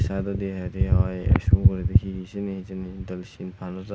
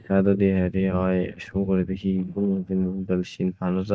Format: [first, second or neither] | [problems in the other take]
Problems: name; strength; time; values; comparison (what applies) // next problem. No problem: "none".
first | noise reduction (neural mask model DeepFilterNet 3)